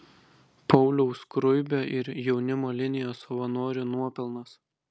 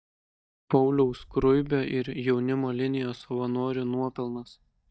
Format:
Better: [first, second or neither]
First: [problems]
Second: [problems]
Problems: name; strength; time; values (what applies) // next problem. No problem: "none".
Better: first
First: none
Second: noise reduction (neural mask model DeepFilterNet 3)